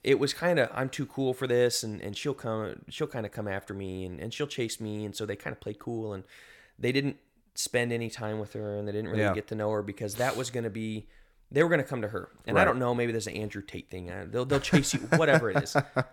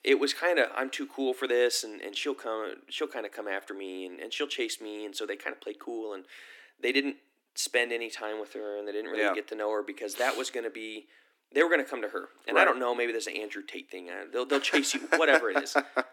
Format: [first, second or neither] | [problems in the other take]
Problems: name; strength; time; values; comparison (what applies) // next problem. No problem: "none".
first | thin; somewhat; fading below 250 Hz